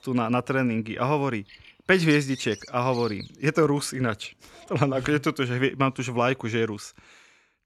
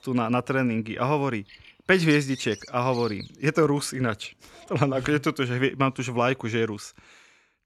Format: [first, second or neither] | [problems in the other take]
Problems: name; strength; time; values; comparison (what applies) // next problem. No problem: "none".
neither | animal sounds; noticeable; throughout; 20 dB below the speech; the same in both